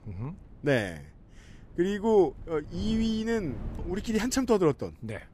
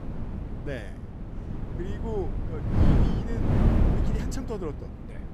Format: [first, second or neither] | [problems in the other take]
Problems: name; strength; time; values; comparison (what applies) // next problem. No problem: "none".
first | wind noise on the microphone; heavy; 3 dB above the speech; occasional gusts in the first